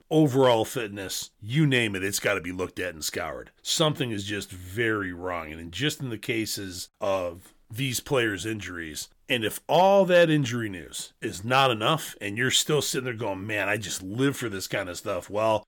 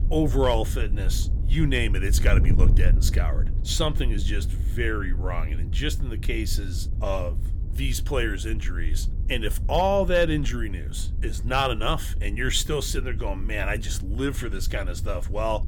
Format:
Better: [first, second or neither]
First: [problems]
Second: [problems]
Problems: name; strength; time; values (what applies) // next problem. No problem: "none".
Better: first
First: none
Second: wind noise on the microphone; occasional gusts; 15 dB below the speech